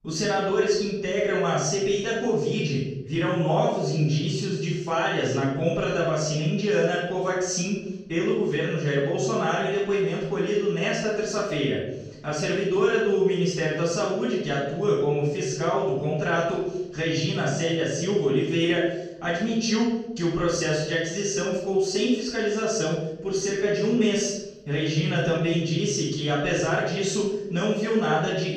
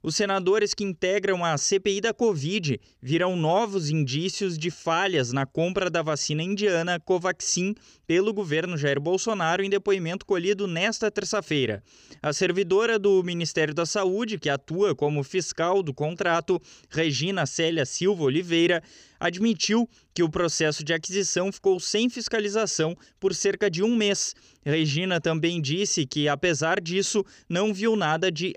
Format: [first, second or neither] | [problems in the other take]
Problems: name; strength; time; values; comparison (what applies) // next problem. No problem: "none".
second | off-mic speech; far // room echo; noticeable; dies away in 0.9 s